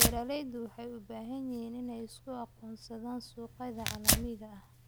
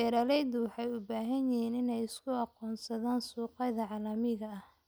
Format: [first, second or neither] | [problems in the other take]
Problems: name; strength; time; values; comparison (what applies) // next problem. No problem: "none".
second | background sound (Tearing); 4 dB above the speech